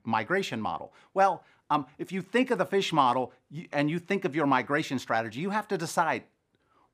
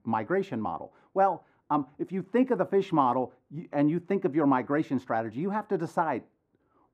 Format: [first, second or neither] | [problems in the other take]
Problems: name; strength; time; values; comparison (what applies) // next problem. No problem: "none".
first | muffled; slightly; fading above 2 kHz